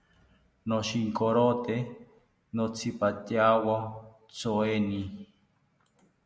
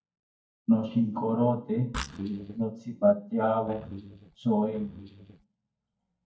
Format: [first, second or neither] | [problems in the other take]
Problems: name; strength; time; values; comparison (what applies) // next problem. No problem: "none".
first | noise reduction (neural mask model DeepFilterNet 3)